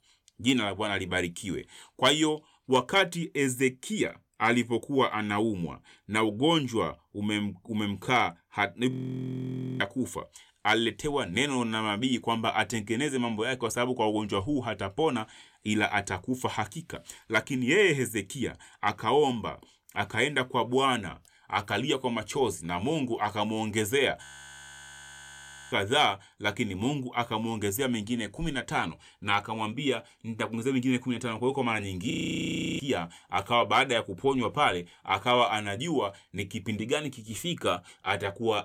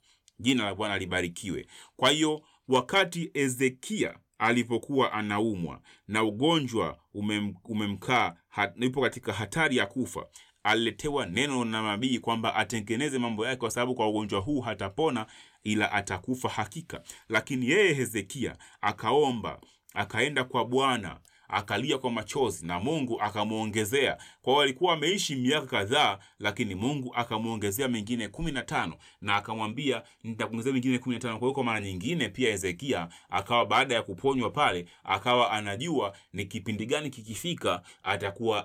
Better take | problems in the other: second | audio freezing; at 9 s for 1 s, at 24 s for 1.5 s and at 32 s for 0.5 s

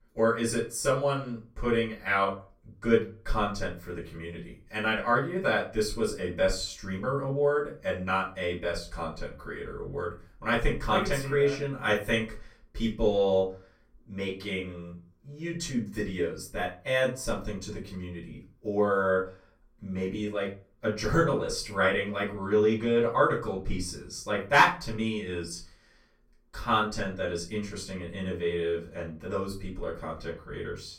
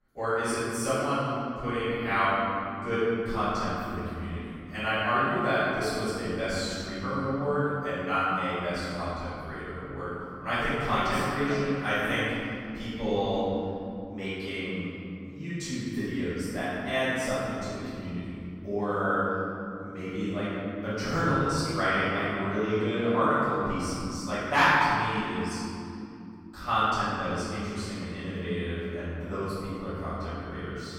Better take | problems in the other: first | room echo; strong; dies away in 3 s; slight in the first // off-mic speech; far; far in the first

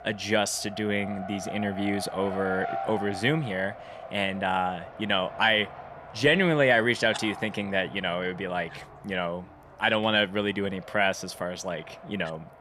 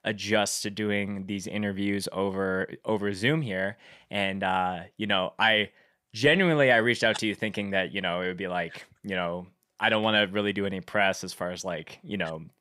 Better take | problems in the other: second | traffic noise; noticeable; throughout; 15 dB below the speech

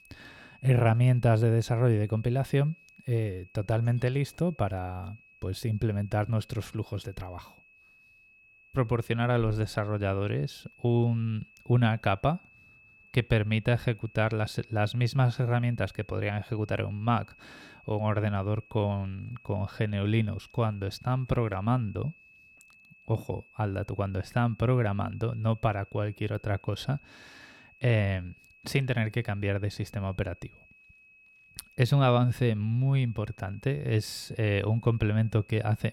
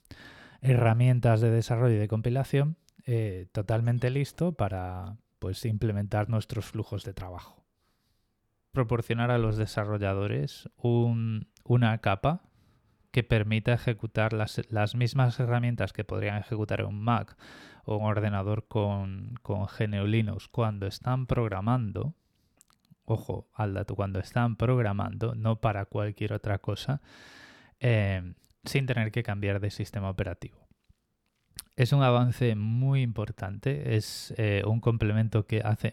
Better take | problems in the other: second | high-pitched whine; faint; throughout; 2.5 kHz, 25 dB below the speech

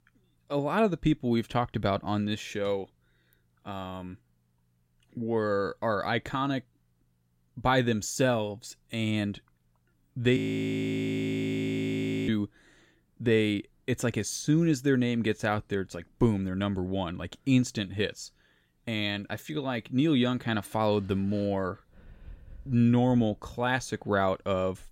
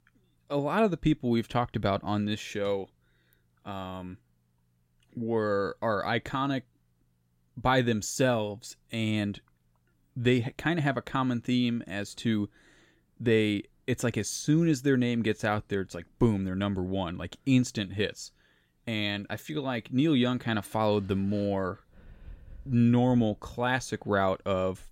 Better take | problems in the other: second | audio freezing; at 10 s for 2 s

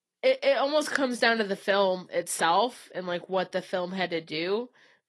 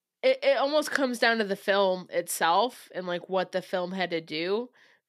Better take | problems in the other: second | garbled, watery; slightly; nothing above 11.5 kHz

